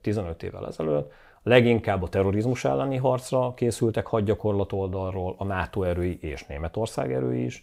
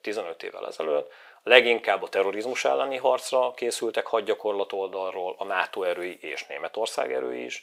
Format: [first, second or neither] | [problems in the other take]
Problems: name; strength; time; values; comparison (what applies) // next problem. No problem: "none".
first | thin; very; fading below 450 Hz